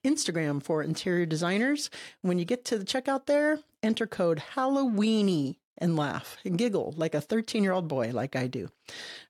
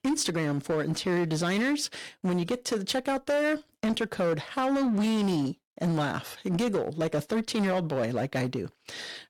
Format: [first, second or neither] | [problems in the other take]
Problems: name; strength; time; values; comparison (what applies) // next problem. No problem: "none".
first | distortion; slight; 16% of the sound clipped